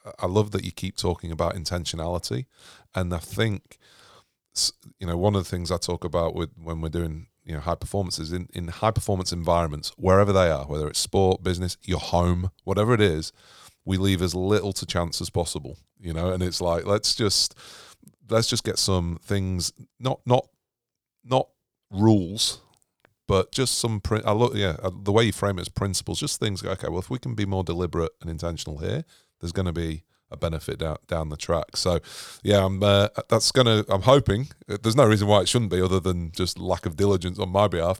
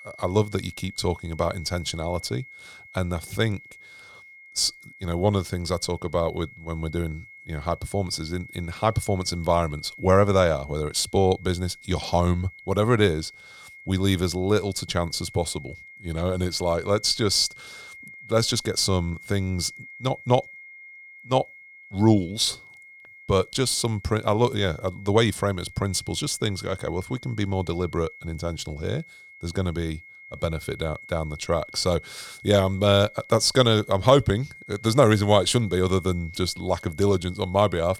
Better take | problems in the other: first | high-pitched whine; noticeable; throughout; 2 kHz, 20 dB below the speech

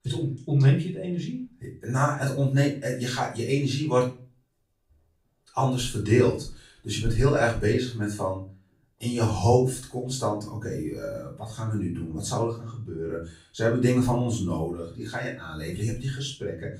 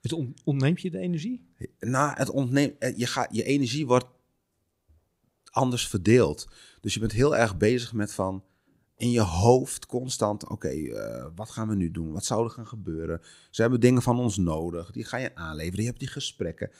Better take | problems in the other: second | off-mic speech; far // room echo; slight; dies away in 0.3 s

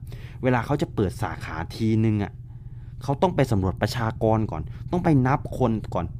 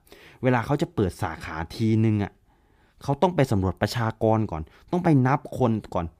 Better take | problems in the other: second | low rumble; faint; throughout; 25 dB below the speech

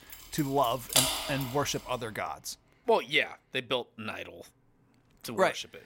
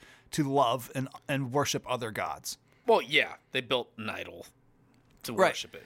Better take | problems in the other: second | machinery noise; very loud; until 2 s; 1 dB above the speech

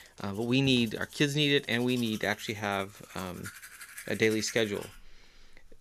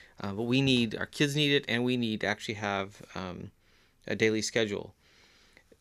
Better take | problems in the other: second | household noises; noticeable; throughout; 20 dB below the speech

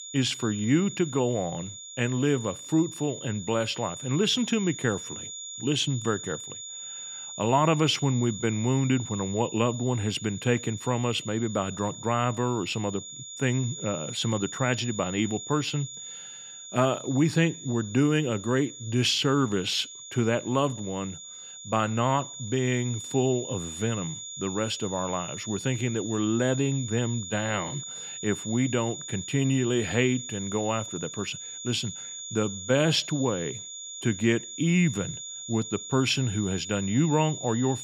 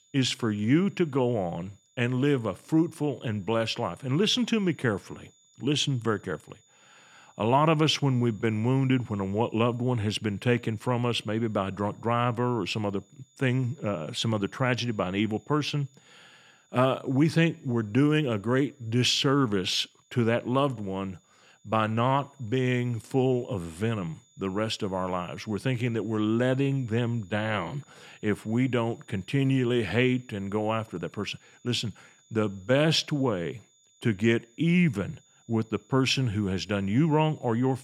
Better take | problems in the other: second | high-pitched whine; loud; throughout; 7 kHz, 10 dB below the speech; faint in the second

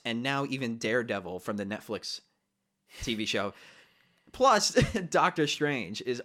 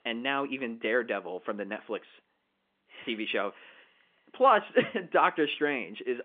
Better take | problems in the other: first | phone-call audio; nothing above 3.5 kHz

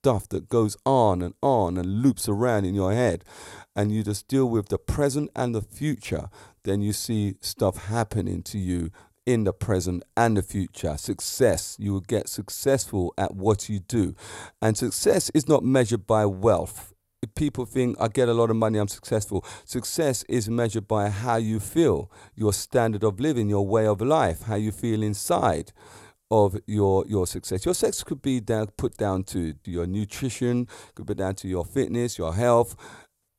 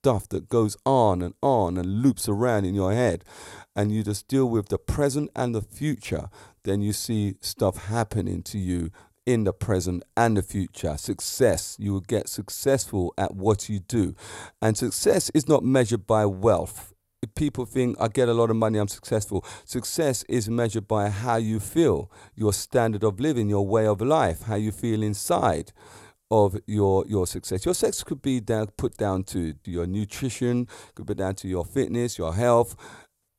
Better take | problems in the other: neither | none

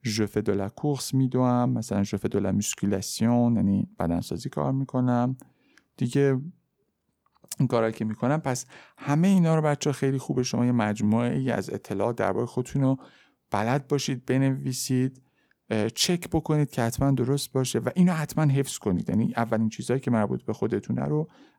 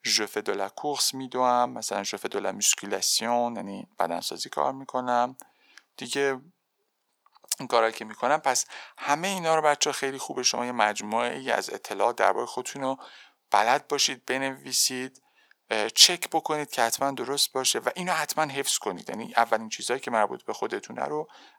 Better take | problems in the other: first | thin; very; fading below 700 Hz

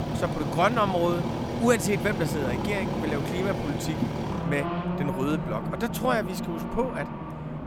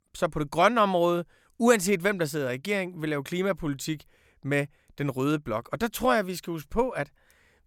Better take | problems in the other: second | traffic noise; loud; throughout; 2 dB below the speech

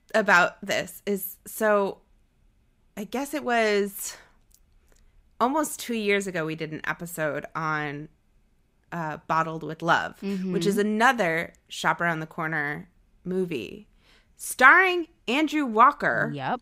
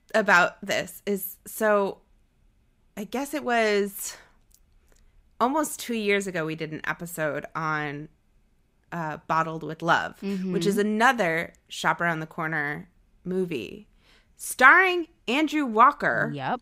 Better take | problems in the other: neither | none

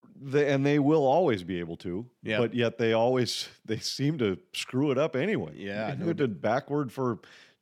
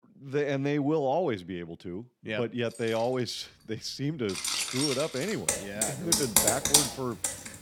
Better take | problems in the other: first | household noises; very loud; from 3 s on; 5 dB above the speech

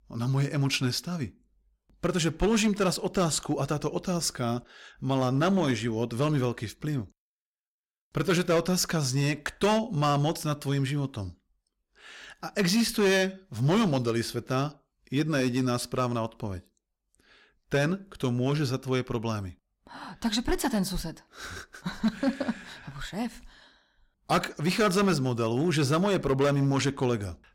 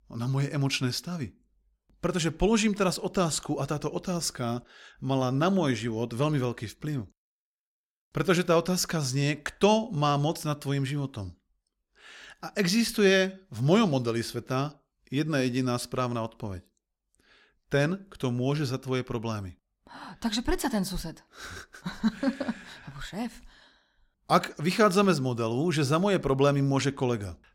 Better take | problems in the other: second | distortion; slight; 4% of the sound clipped

